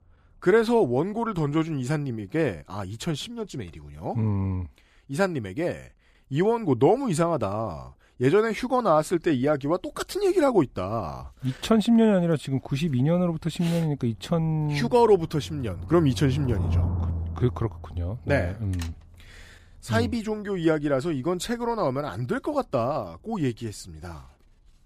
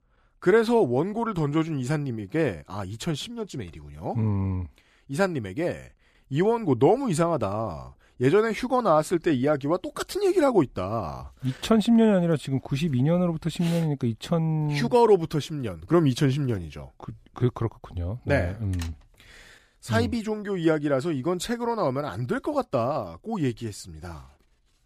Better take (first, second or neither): second